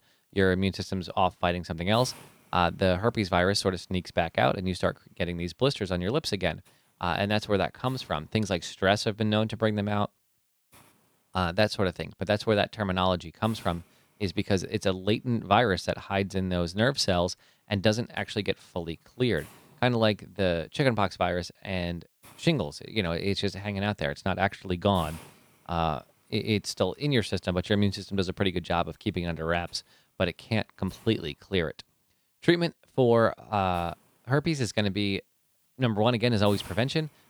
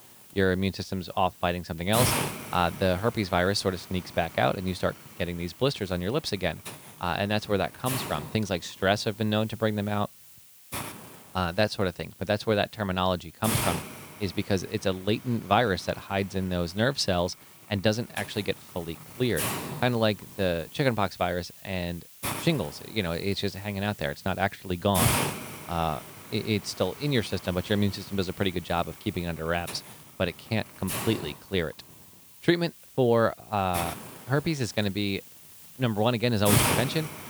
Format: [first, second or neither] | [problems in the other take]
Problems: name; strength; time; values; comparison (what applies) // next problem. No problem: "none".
first | hiss; loud; throughout; 5 dB below the speech; faint in the first